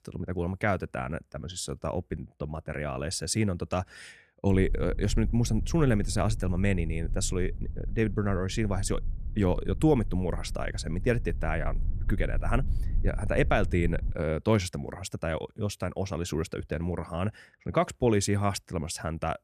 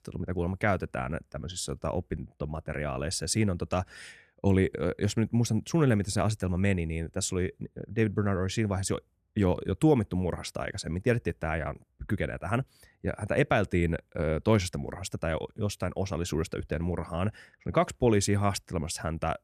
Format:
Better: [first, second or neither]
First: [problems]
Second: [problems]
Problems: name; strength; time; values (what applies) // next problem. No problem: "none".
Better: second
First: low rumble; faint; from 4.5 to 14 s; 20 dB below the speech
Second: none